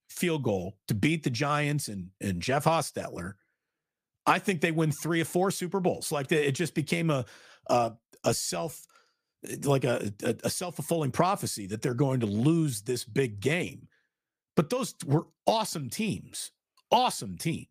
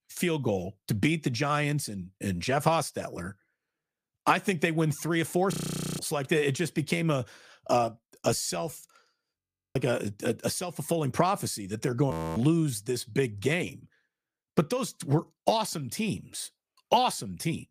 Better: first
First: none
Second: audio freezing; at 5.5 s, at 9.5 s and at 12 s

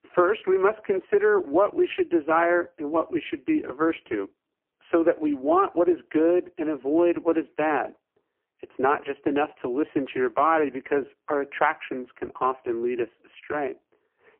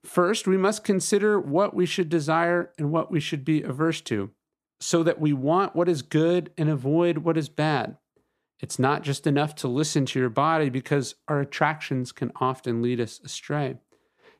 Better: second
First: phone-call audio; poor line; nothing above 3 kHz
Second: none

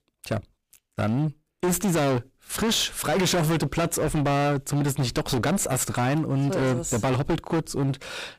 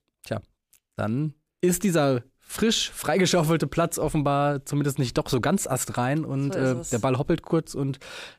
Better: second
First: distortion; heavy; 23% of the sound clipped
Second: none

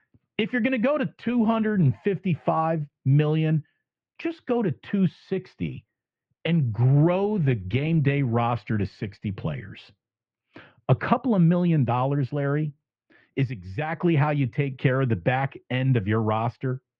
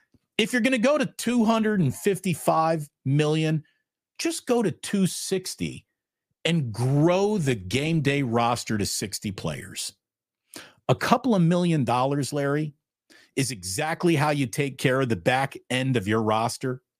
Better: second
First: muffled; very; fading above 3 kHz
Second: none

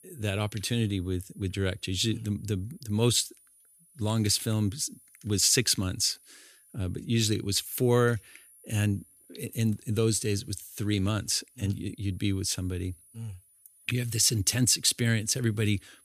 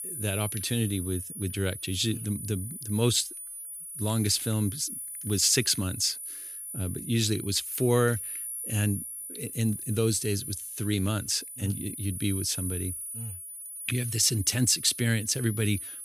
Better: first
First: high-pitched whine; faint; throughout; 10 kHz, 30 dB below the speech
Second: high-pitched whine; loud; throughout; 10 kHz, 8 dB below the speech

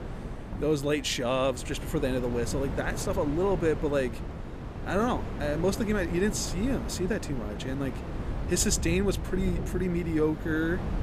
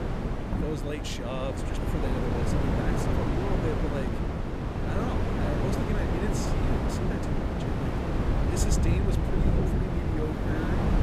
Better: first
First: wind noise on the microphone; occasional gusts; 10 dB below the speech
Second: wind noise on the microphone; heavy; 4 dB above the speech

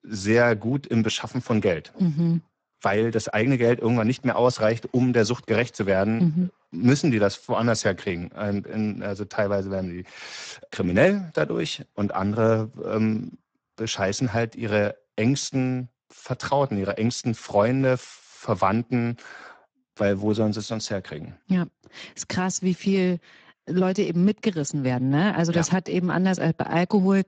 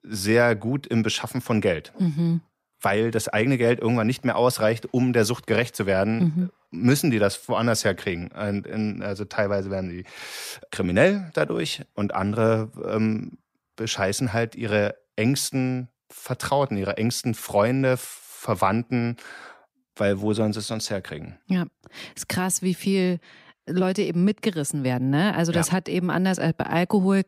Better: second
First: garbled, watery; badly; nothing above 7.5 kHz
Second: none

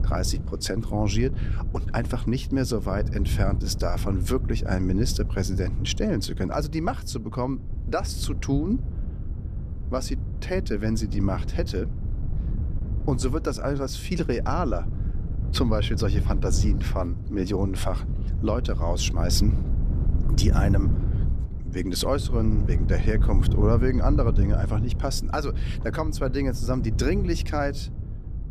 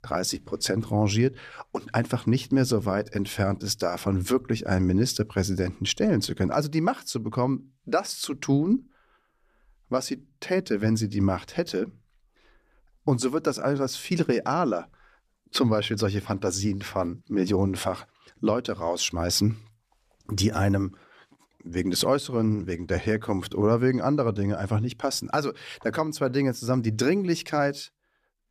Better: second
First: wind noise on the microphone; occasional gusts; 10 dB below the speech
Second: none

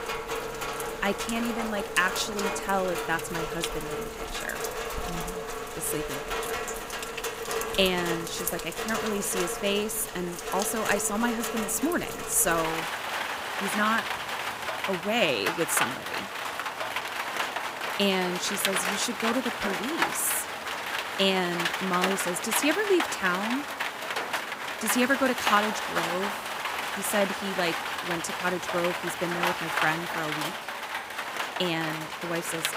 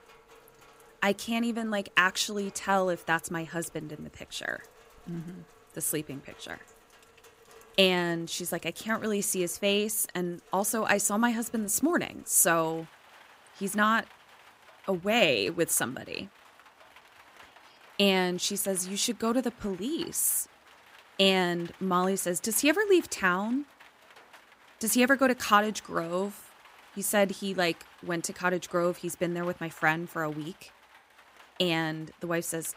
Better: second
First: rain or running water; loud; throughout; 2 dB below the speech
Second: rain or running water; faint; throughout; 25 dB below the speech

